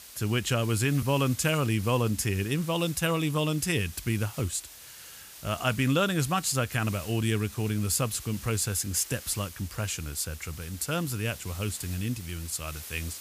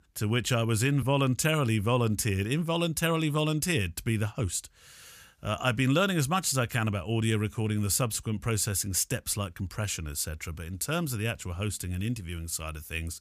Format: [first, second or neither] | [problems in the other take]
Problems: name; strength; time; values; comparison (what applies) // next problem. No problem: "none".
second | hiss; noticeable; throughout; 15 dB below the speech